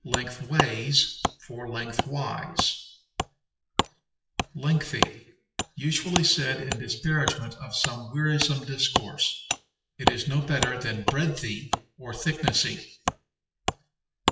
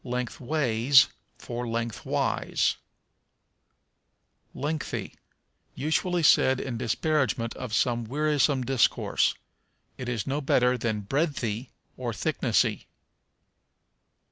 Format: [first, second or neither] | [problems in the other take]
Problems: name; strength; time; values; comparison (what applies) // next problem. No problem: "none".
second | noise reduction (classical method WPE with log-MMSE)